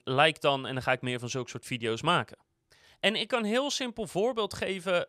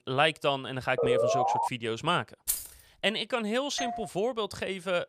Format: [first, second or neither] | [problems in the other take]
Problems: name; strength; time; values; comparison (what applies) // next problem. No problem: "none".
first | siren; loud; at 1 s; peak 5 dB above the speech // jangling keys; noticeable; at 2.5 s; peak 1 dB below the speech // doorbell; noticeable; at 4 s; peak 5 dB below the speech